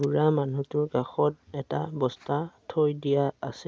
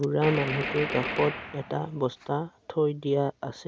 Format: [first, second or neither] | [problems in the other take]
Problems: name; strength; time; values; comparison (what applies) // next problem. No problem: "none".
first | background sound (Gunshot, gunfire); 6 dB below the speech